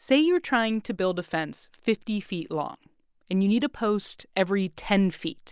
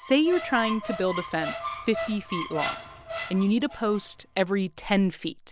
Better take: first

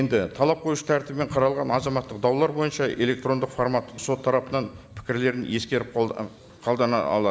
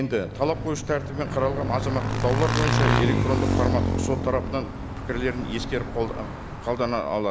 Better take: first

